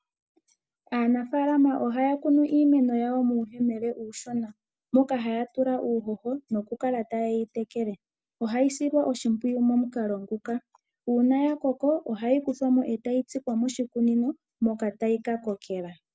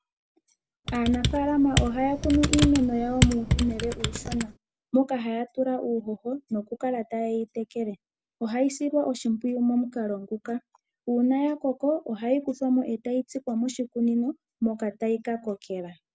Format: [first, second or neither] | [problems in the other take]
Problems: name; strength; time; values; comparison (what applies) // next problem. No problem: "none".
first | background sound (Computer keyboard); as loud as the speech